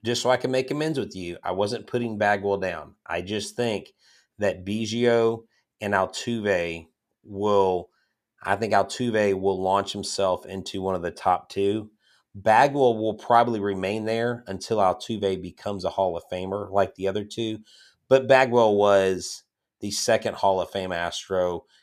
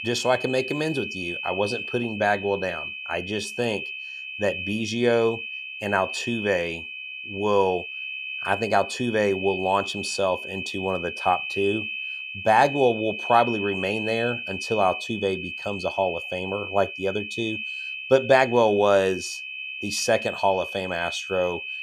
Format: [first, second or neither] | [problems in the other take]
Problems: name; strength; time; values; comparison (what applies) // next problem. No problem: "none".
first | high-pitched whine; loud; throughout; 2.5 kHz, 7 dB below the speech